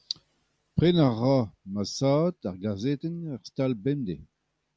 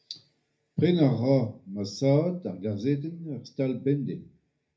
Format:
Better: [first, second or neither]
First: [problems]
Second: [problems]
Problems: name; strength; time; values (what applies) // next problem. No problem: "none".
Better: first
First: none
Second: room echo; dies away in 0.3 s